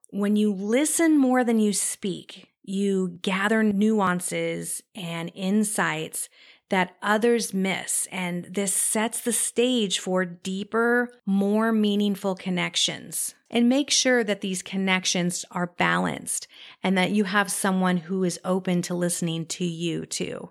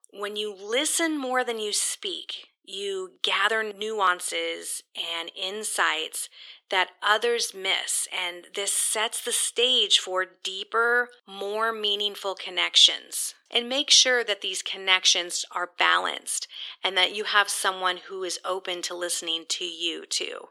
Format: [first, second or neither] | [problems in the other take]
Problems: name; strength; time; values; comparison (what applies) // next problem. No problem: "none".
first | thin; very; fading below 350 Hz